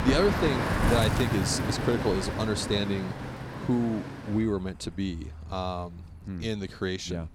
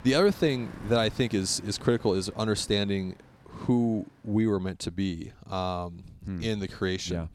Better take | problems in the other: second | traffic noise; loud; throughout; 1 dB below the speech; faint in the second

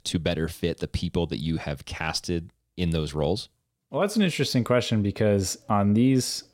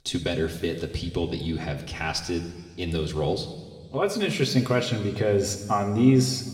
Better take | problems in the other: first | room echo; slight; dies away in 1.8 s // off-mic speech; somewhat distant

